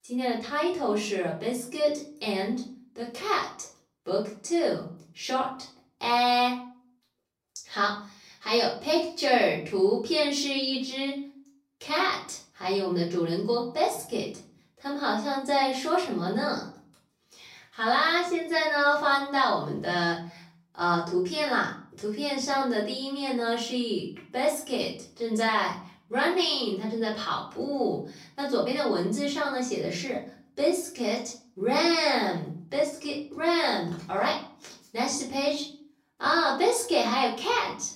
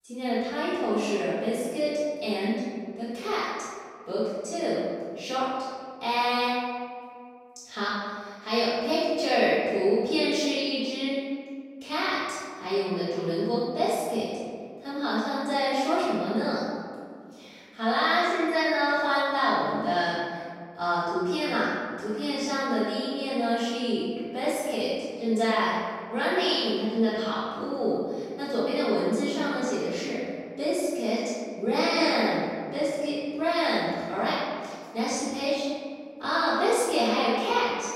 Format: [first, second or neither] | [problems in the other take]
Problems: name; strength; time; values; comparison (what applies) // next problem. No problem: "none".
first | room echo; strong; dies away in 1.8 s; slight in the first // off-mic speech; far; far in the first